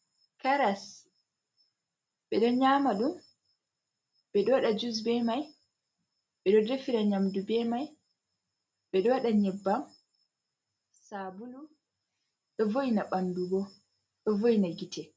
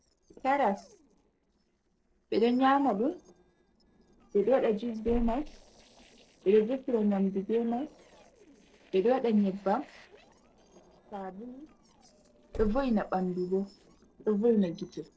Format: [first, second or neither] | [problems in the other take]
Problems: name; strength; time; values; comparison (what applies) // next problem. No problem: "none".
first | noise reduction (neural separator model SepFormer DNS4)